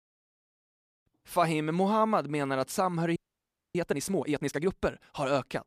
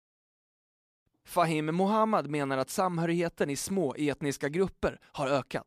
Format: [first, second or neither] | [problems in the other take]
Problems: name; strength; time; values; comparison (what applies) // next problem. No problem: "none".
second | audio freezing; at 3 s for 0.5 s